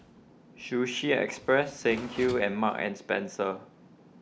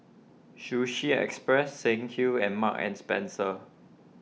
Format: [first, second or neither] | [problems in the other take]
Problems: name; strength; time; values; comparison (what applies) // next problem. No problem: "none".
second | background sound (Door); 19 dB below the speech